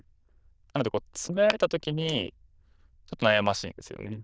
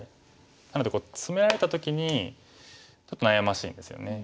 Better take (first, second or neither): second